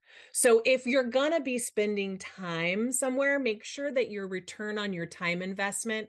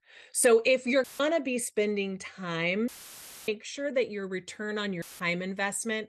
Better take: first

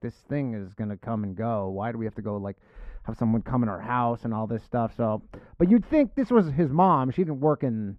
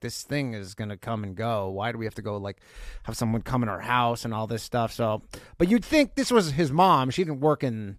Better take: second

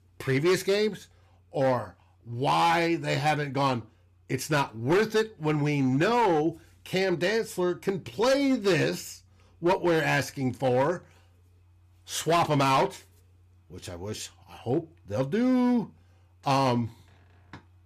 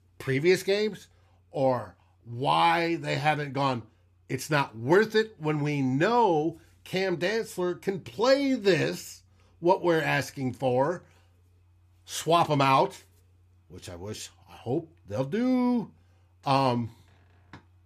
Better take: second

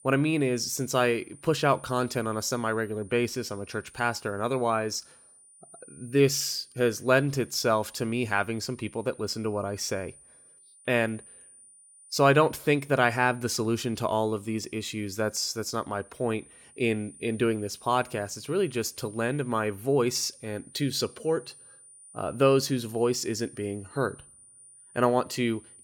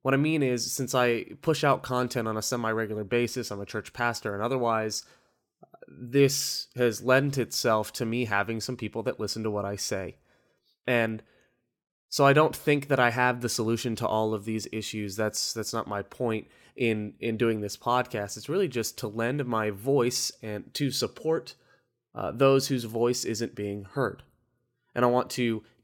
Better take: second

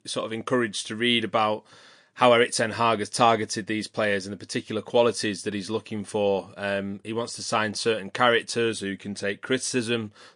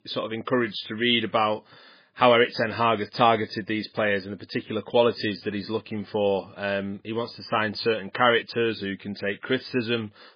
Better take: first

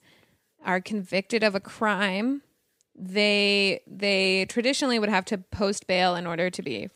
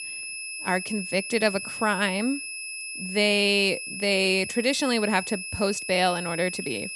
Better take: first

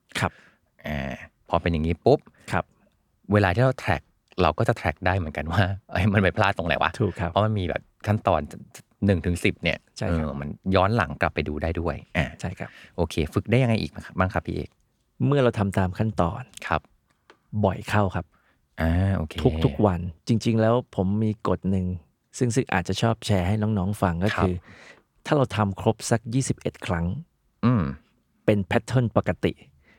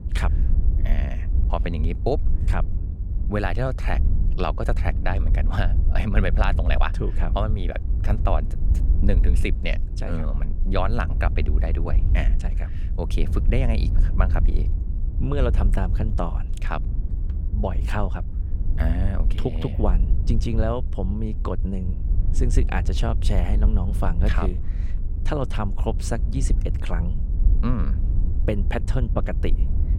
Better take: first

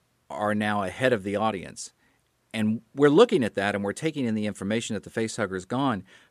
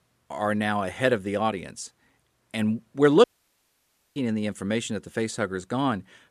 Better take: first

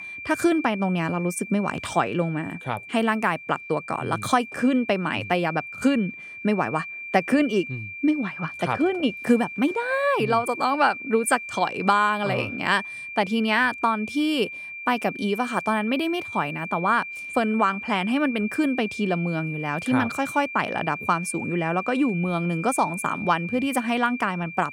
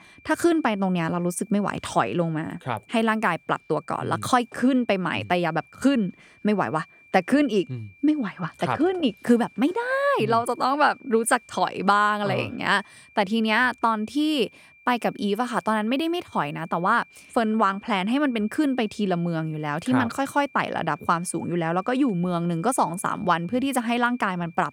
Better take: second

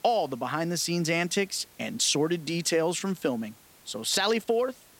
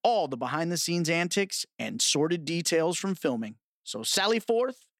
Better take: second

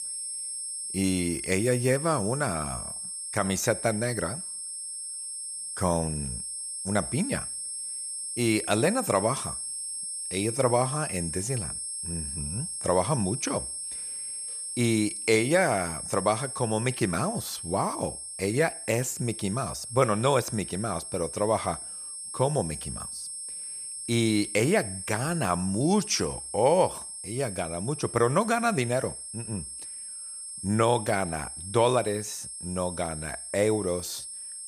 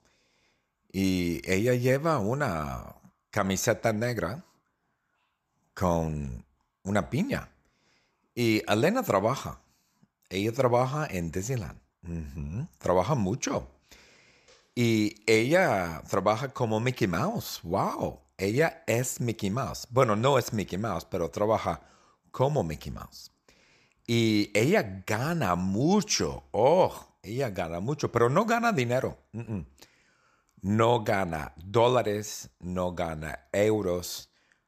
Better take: second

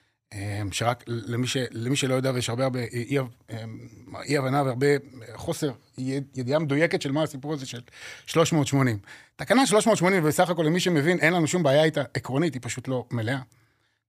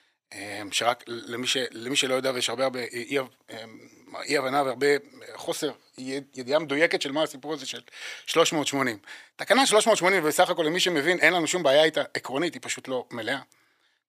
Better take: first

